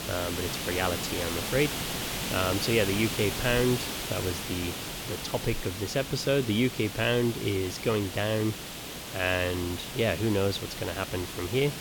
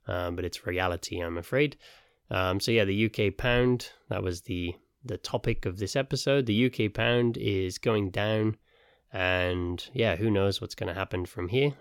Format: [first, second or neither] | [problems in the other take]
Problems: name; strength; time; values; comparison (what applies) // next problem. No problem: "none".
second | hiss; loud; throughout; 5 dB below the speech